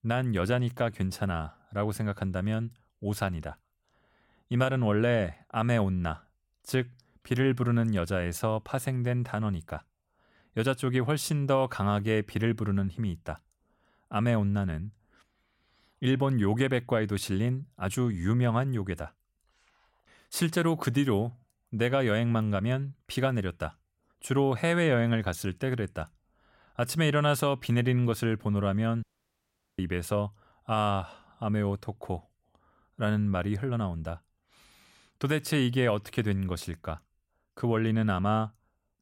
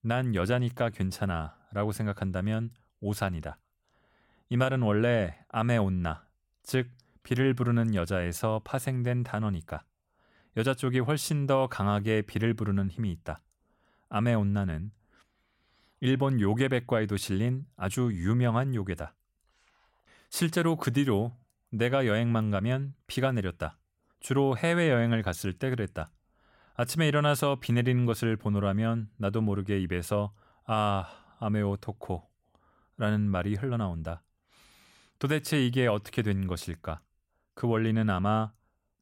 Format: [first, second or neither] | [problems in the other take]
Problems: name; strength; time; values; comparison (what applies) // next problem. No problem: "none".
second | audio cutting out; at 29 s for 1 s